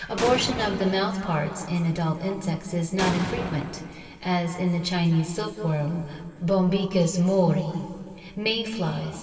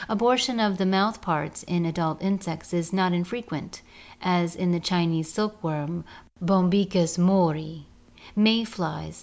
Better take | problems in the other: second | background sound (Explosion); 9 dB below the speech // room echo; dies away in 2.7 s

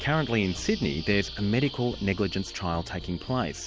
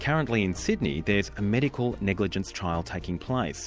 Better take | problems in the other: second | background sound (Bird vocalization, bird call, bird song); 15 dB below the speech

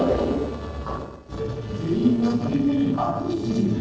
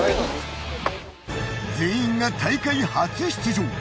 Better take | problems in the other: second | noise reduction (neural separator model SepFormer DNS4)

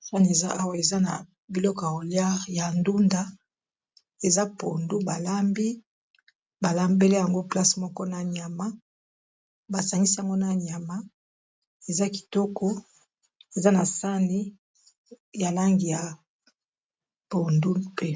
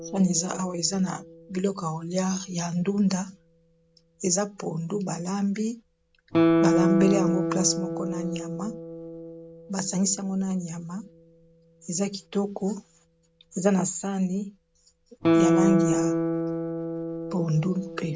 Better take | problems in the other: first | background sound (Guitar); 1 dB below the speech

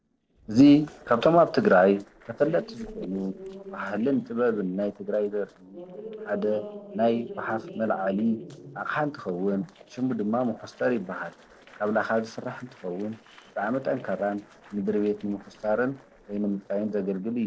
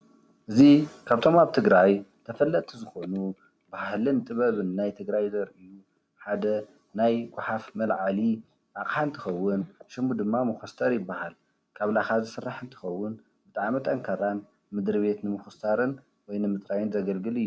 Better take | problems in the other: second | noise reduction (neural separator model SepFormer DNS4)

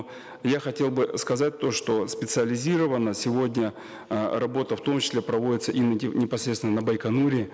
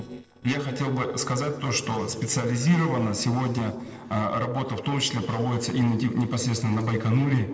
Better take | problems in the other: first | noise reduction (neural separator model SepFormer DNS4)

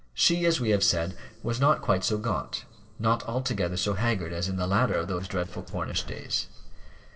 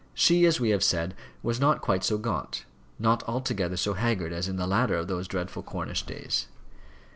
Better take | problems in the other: second | noise reduction (neural separator model SepFormer DNS4)

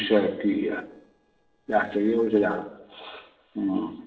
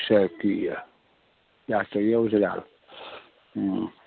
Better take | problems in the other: second | noise reduction (neural separator model SepFormer DNS4)

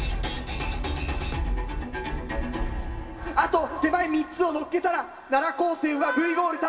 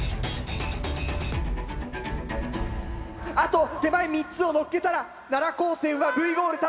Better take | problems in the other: second | room echo; dies away in 1.4 s

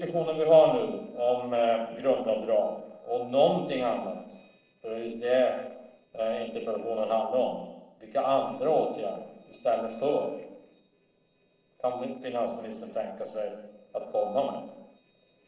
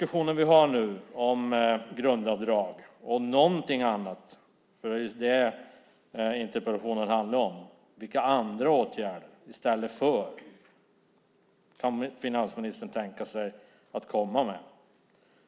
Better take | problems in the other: second | noise reduction (neural separator model SepFormer DNS4)

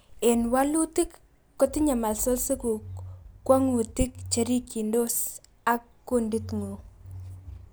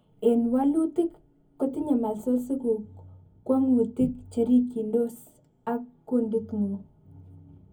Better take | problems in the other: first | room echo; dies away in 0.3 s

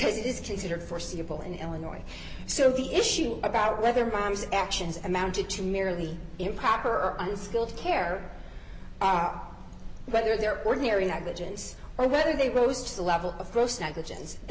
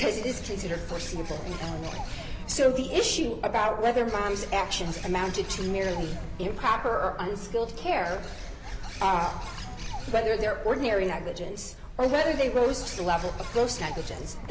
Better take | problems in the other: first | background sound (Bird); 11 dB below the speech

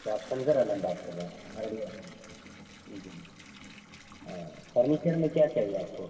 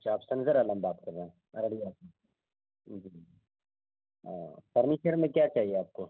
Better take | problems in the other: second | background sound (Bathtub (filling or washing) / Water tap, faucet); 18 dB below the speech // room echo; dies away in 2.8 s

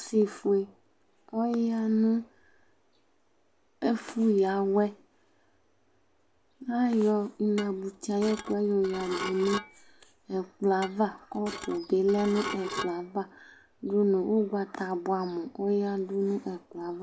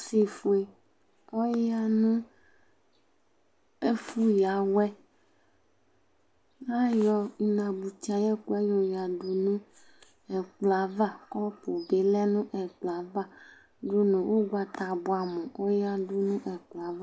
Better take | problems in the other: second | background sound (Dishes, pots, and pans / Glass); 10 dB below the speech

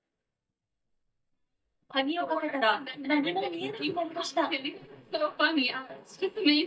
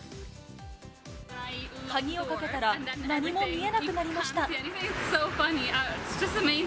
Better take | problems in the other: second | noise reduction (neural mask model DeepFilterNet 3)

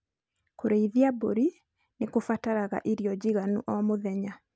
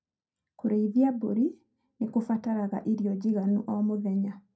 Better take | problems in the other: first | room echo; dies away in 0.2 s

